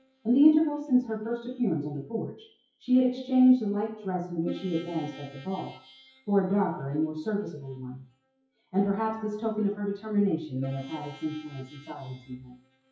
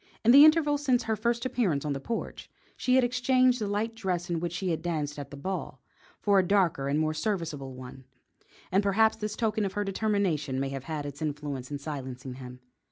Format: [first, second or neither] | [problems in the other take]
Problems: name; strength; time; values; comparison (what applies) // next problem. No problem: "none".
second | noise reduction (classical method WPE with log-MMSE)